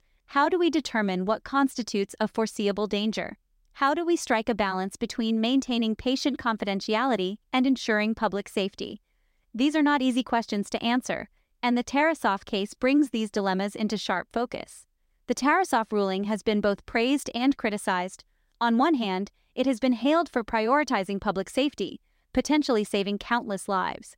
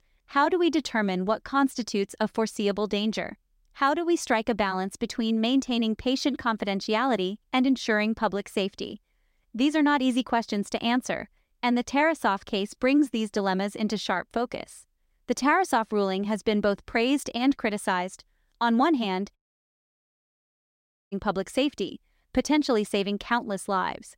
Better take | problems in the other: first | audio cutting out; at 19 s for 2 s

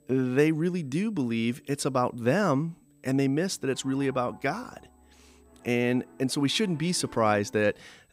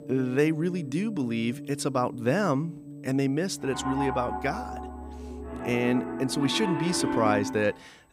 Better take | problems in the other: first | background music; loud; throughout; 7 dB below the speech; faint in the first

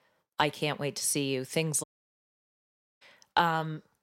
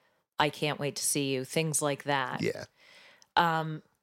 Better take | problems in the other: second | audio cutting out; at 2 s for 1 s

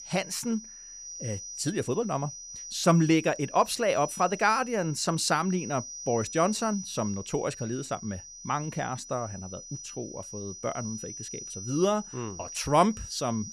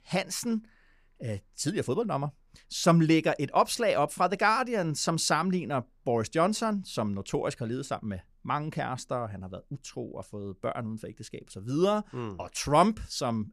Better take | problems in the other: second | high-pitched whine; noticeable; throughout; 6 kHz, 10 dB below the speech

